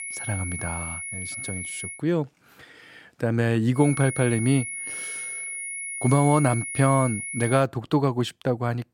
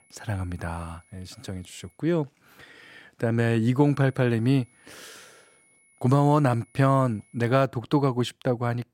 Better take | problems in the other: second | high-pitched whine; loud; until 2 s and from 4 to 7.5 s; 2 kHz, 7 dB below the speech; faint in the second

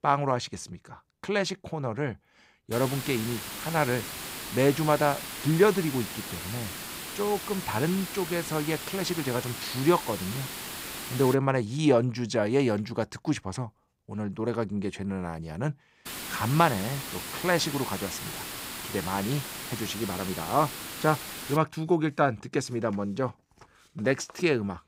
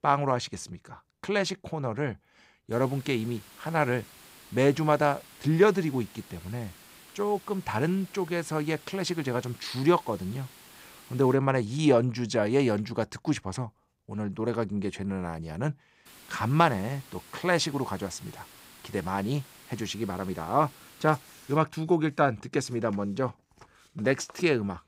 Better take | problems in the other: second | hiss; loud; from 2.5 to 11 s and from 16 to 22 s; 7 dB below the speech; faint in the second

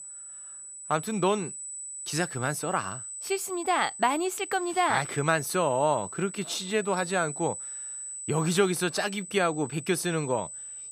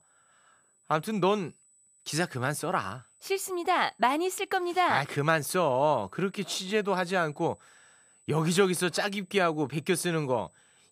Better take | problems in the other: second | high-pitched whine; loud; throughout; 8 kHz, 9 dB below the speech; faint in the second

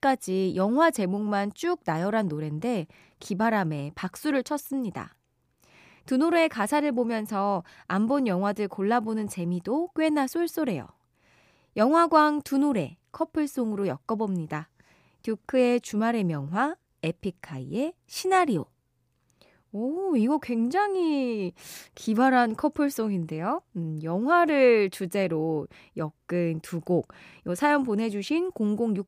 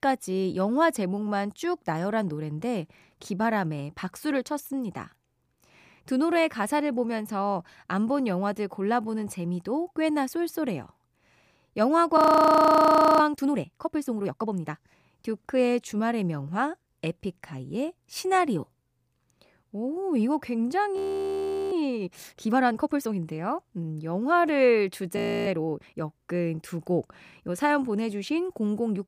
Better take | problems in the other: first | audio freezing; at 12 s for 1 s, at 21 s for 1 s and at 25 s

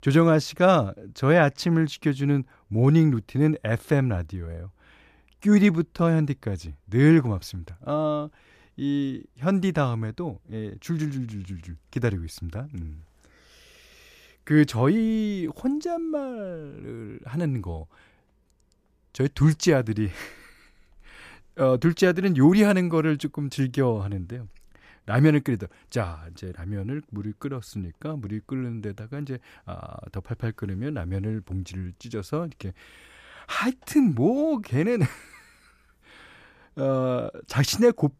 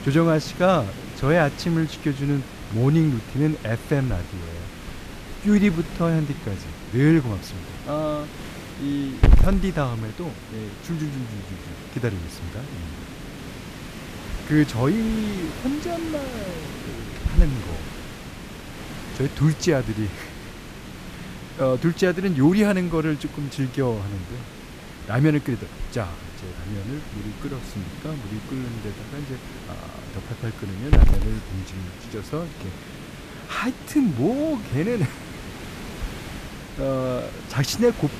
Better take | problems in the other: first | hiss; loud; throughout; 8 dB below the speech

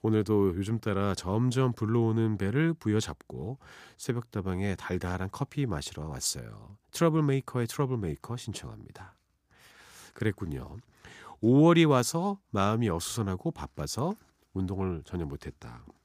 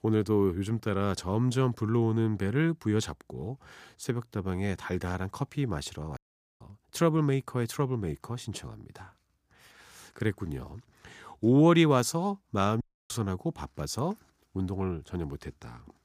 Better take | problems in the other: first | audio cutting out; at 6 s and at 13 s

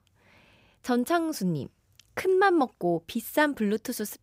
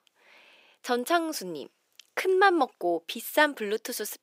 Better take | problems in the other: first | thin; somewhat; fading below 350 Hz

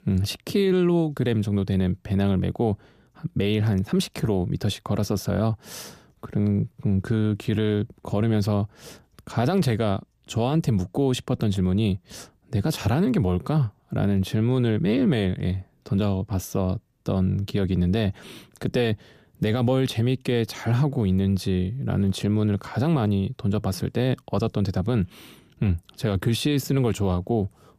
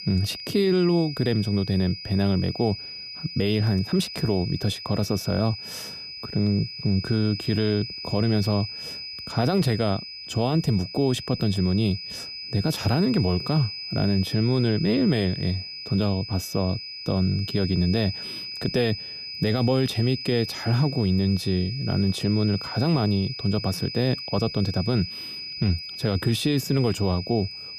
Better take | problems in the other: first | high-pitched whine; loud; throughout; 5 kHz, 9 dB below the speech

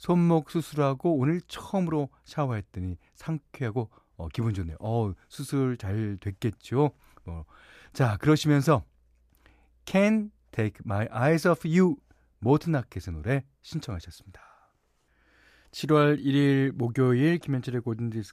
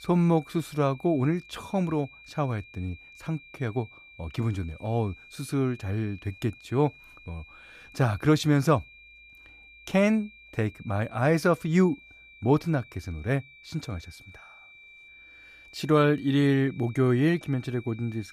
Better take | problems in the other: first | high-pitched whine; faint; throughout; 2.5 kHz, 20 dB below the speech

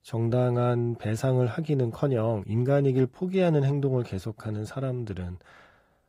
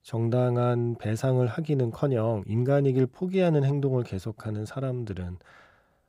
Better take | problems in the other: second | garbled, watery; slightly; nothing above 15.5 kHz

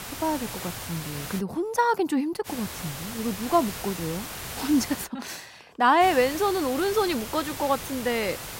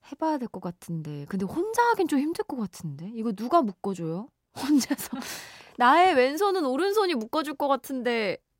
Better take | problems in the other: second | hiss; loud; until 1.5 s, from 2.5 to 5 s and from 6 s on; 9 dB below the speech

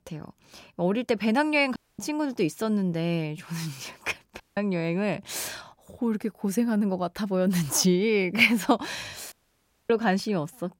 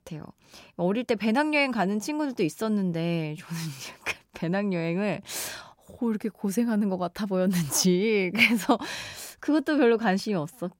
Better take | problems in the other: second | audio cutting out; at 2 s, at 4.5 s and at 9.5 s for 0.5 s

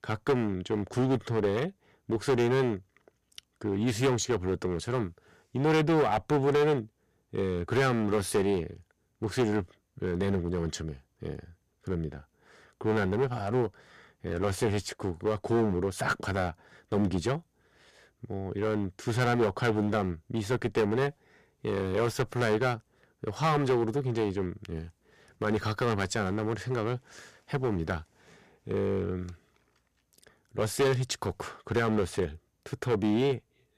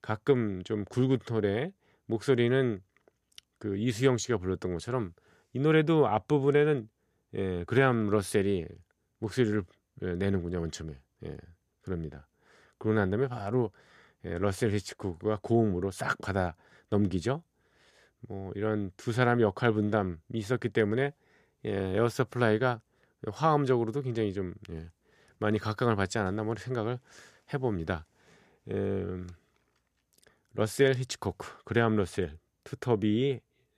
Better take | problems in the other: second | distortion; heavy; 7% of the sound clipped

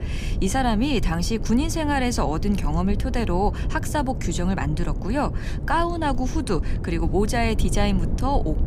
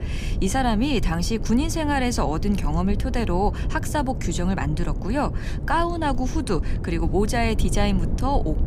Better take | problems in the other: neither | low rumble; noticeable; throughout; 15 dB below the speech; the same in both

